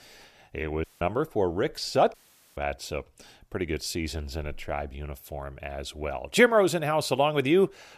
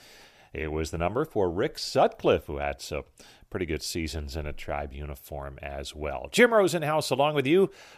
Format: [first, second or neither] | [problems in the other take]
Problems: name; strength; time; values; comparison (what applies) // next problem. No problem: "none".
second | audio cutting out; at 1 s and at 2 s